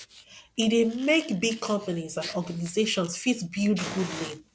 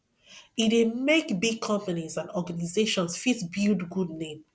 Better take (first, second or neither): second